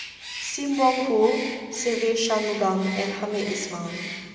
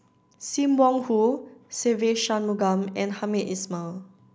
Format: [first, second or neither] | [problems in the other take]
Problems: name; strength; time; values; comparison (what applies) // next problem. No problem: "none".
second | background sound (Bird); 11 dB below the speech // room echo; dies away in 2.7 s